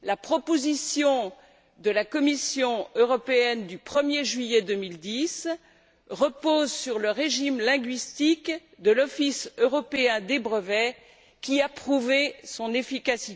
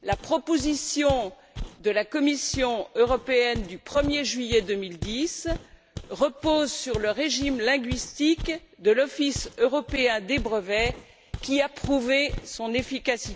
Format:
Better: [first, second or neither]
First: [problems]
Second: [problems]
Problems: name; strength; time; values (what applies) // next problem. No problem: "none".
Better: first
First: none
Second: background sound (Walk, footsteps); 12 dB below the speech